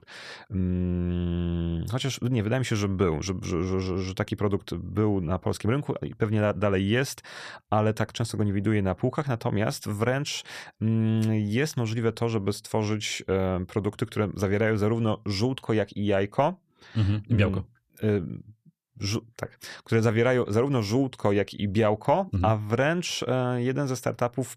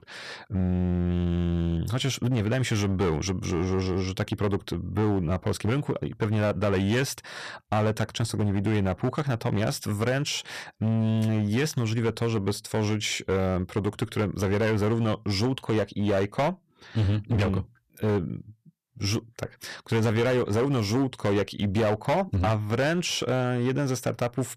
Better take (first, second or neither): first